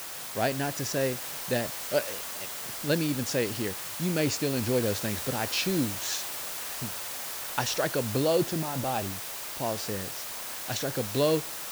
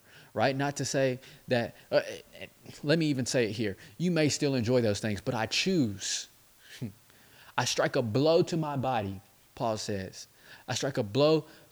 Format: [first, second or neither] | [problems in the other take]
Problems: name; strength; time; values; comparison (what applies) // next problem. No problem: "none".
second | hiss; loud; throughout; 4 dB below the speech; faint in the second